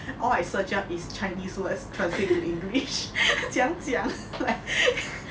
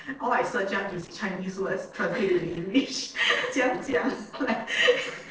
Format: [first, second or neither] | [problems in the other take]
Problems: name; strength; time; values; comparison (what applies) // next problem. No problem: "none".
first | noise reduction (neural separator model SepFormer DNS4)